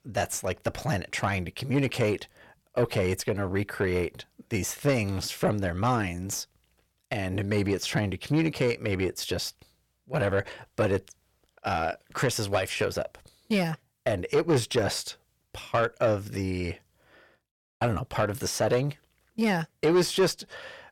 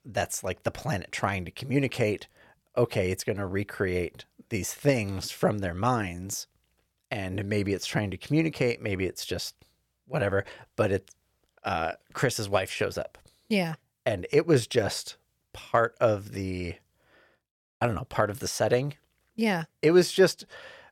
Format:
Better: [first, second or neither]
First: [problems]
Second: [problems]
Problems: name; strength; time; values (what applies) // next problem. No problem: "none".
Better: second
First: distortion; slight; 10 dB below the speech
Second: none